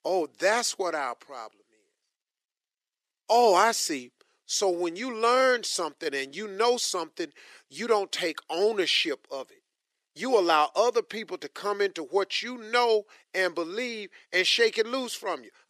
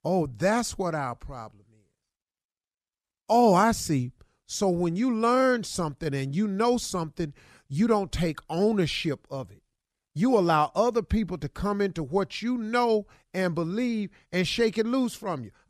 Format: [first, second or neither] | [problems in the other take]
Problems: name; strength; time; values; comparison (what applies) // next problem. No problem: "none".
second | thin; somewhat; fading below 350 Hz